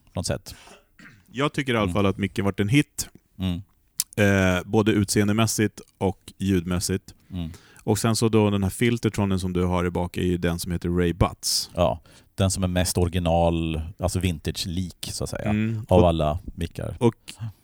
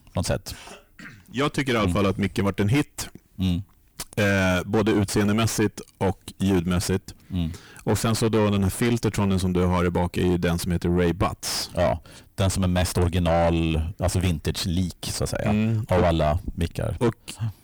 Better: first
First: none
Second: distortion; heavy; 5 dB below the speech

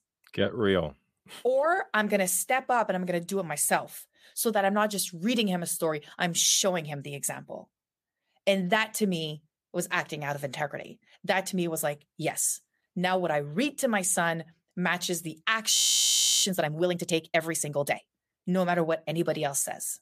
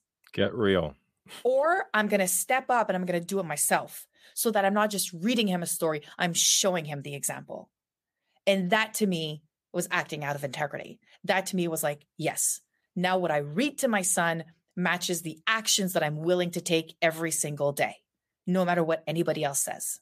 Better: second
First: audio freezing; at 16 s for 0.5 s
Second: none

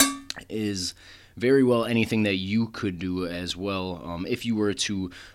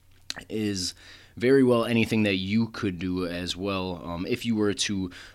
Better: second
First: clattering dishes; loud; at the start; peak 4 dB above the speech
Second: none

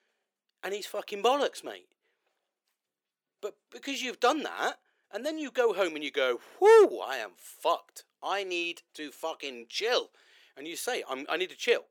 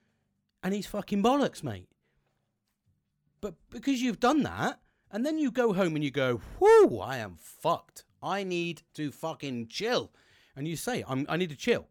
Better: second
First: thin; somewhat; fading below 400 Hz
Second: none

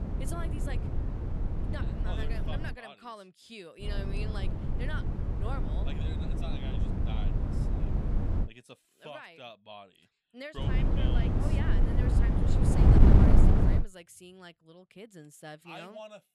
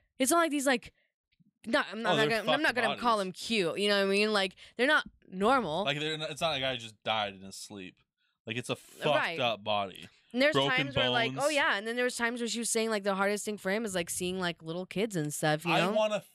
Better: second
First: wind noise on the microphone; heavy; until 2.5 s, from 4 to 8.5 s and from 11 to 14 s; 5 dB above the speech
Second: none

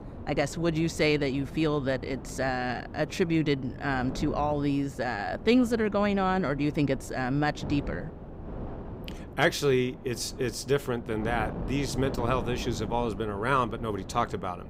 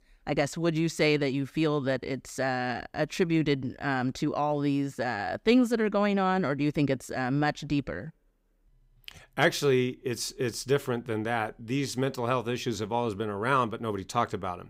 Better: second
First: wind noise on the microphone; occasional gusts; 15 dB below the speech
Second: none

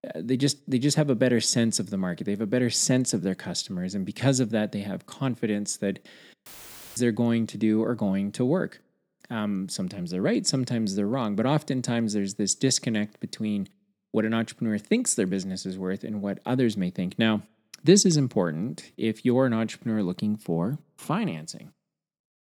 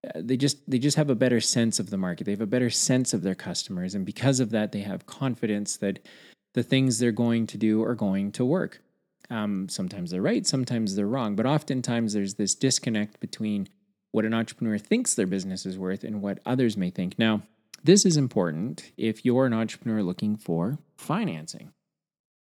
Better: second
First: audio cutting out; filled with static; at 6.5 s for 0.5 s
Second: none

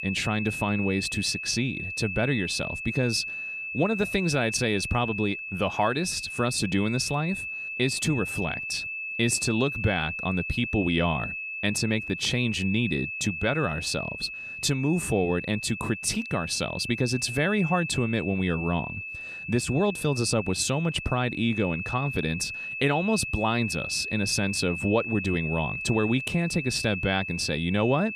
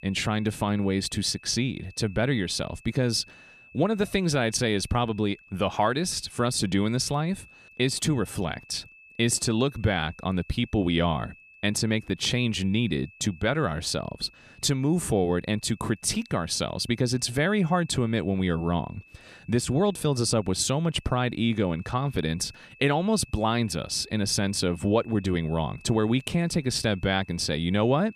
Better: second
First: high-pitched whine; loud; throughout; 2.5 kHz, 5 dB below the speech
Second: high-pitched whine; faint; throughout; 2.5 kHz, 25 dB below the speech

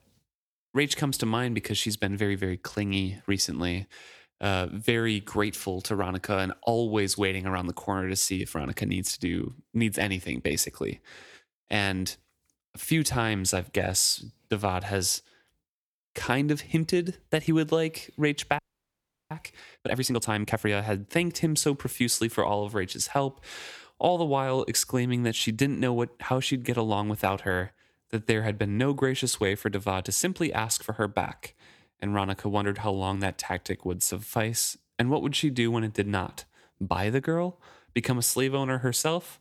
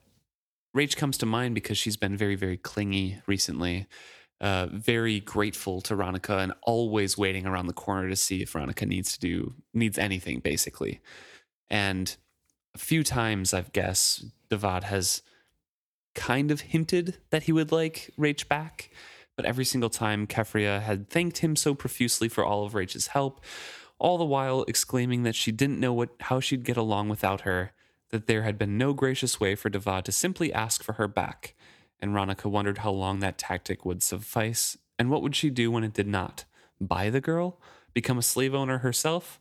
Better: second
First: audio freezing; at 19 s for 0.5 s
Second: none

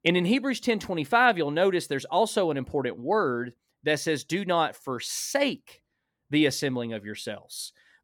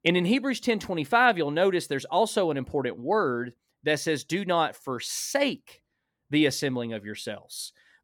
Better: neither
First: none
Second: none

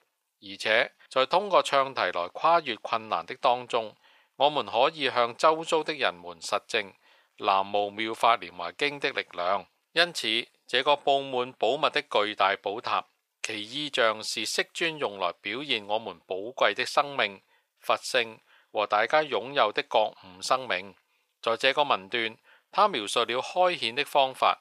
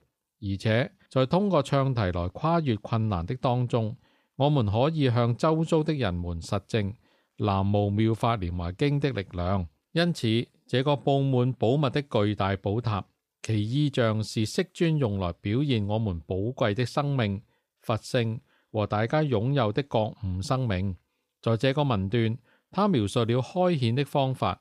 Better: second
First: thin; very; fading below 750 Hz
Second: none

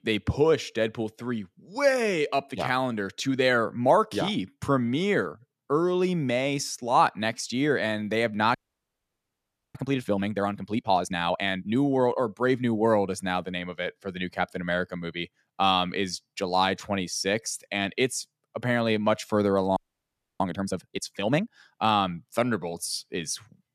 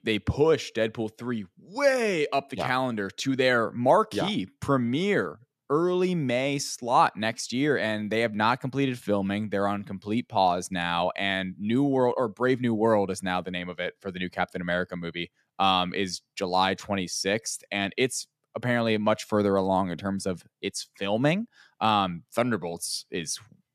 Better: second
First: audio freezing; at 8.5 s for 1 s and at 20 s for 0.5 s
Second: none

